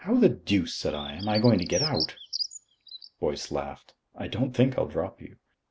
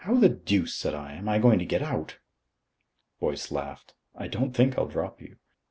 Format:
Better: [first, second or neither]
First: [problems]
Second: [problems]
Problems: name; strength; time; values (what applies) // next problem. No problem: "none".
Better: second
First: background sound (Bird); 9 dB below the speech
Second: none